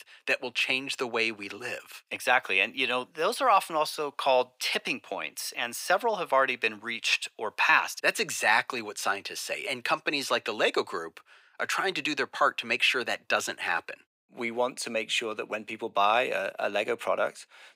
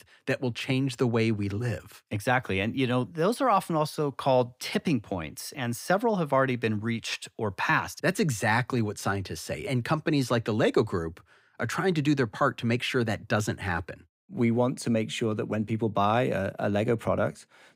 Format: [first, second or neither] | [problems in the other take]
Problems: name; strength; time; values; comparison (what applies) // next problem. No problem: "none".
second | thin; very; fading below 600 Hz